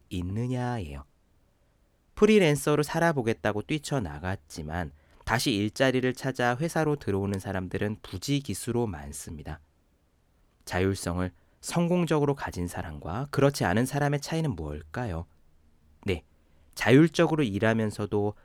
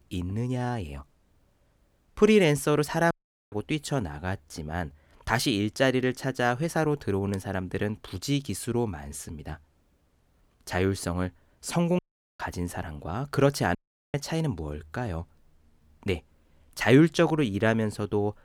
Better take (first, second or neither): first